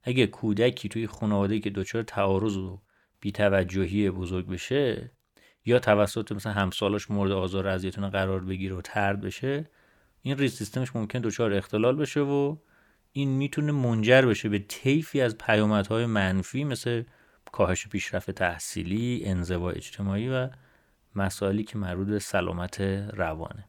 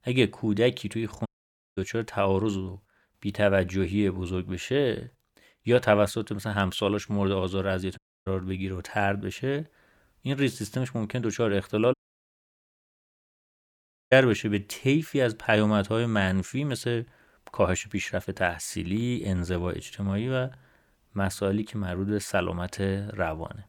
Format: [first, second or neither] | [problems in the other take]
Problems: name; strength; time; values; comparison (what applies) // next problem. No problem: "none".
first | audio cutting out; at 1.5 s for 0.5 s, at 8 s and at 12 s for 2 s